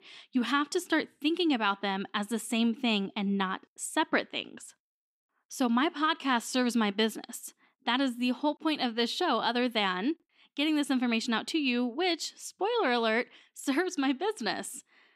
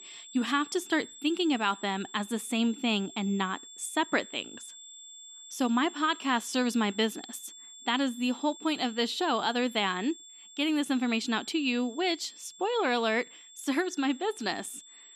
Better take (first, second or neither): first